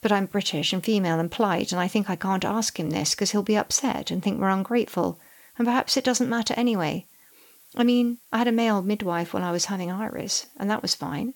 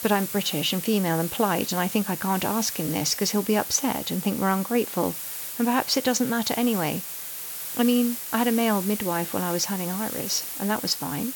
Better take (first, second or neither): first